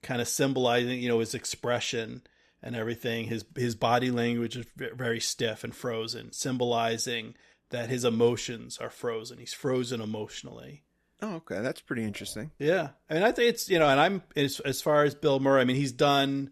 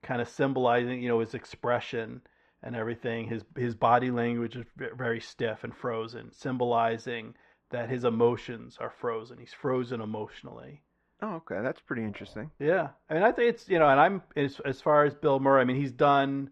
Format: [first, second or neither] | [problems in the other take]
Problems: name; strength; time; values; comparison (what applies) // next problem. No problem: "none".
first | muffled; very; fading above 2 kHz